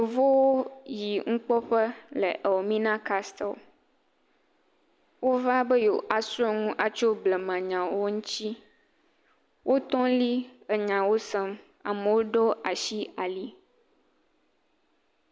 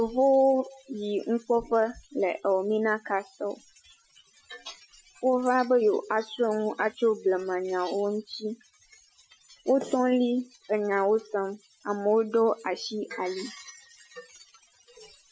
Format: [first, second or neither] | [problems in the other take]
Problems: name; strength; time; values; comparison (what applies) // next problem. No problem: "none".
first | noise reduction (classical method Wiener filter)